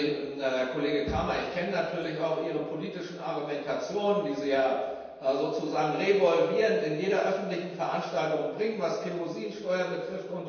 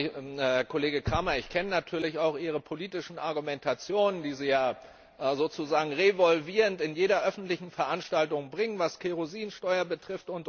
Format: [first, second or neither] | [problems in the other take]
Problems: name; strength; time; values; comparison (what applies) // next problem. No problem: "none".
second | room echo; dies away in 1.2 s